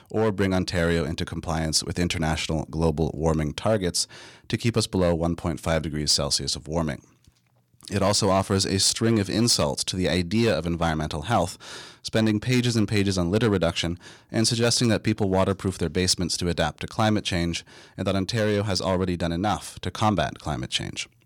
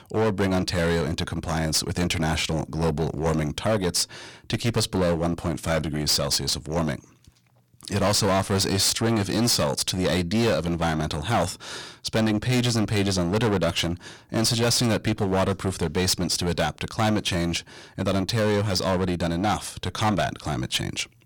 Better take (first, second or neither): first